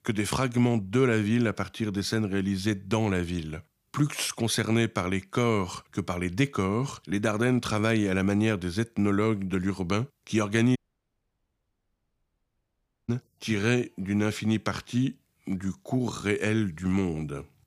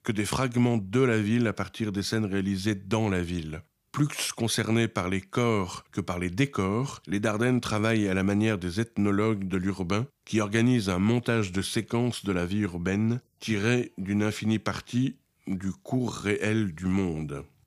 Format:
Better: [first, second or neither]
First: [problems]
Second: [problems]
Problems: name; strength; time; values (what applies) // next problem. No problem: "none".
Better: second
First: audio cutting out; at 11 s for 2.5 s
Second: none